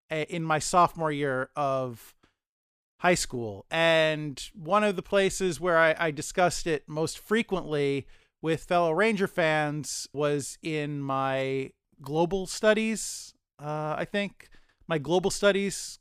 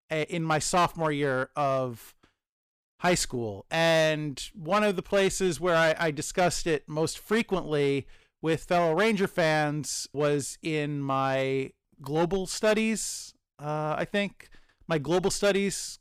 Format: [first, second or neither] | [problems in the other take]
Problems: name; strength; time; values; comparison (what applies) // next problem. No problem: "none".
first | distortion; slight; 5% of the sound clipped